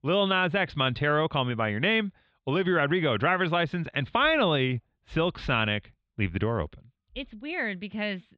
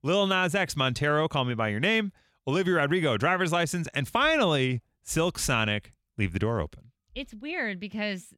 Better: second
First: muffled; very; fading above 3.5 kHz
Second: none

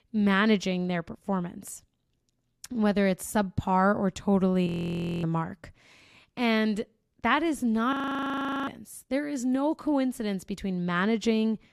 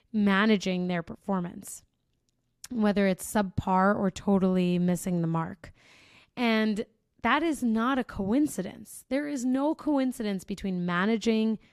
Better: second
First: audio freezing; at 4.5 s for 0.5 s and at 8 s for 0.5 s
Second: none

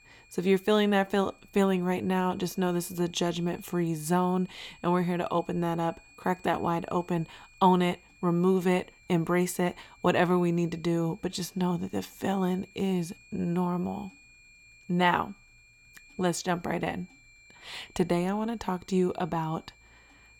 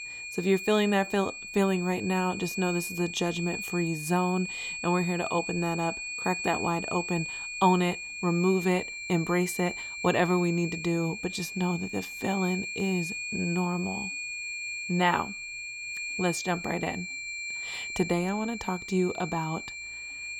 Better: first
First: high-pitched whine; faint; throughout; 2.5 kHz, 25 dB below the speech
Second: high-pitched whine; loud; throughout; 2.5 kHz, 6 dB below the speech

